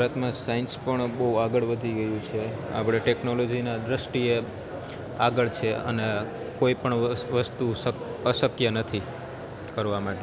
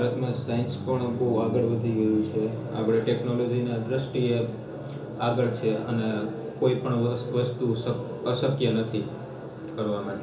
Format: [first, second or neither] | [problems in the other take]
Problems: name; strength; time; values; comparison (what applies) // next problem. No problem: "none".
first | background sound (Organ); 11 dB below the speech // room echo; dies away in 0.7 s